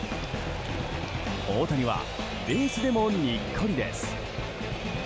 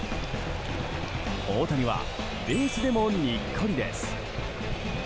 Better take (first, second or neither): first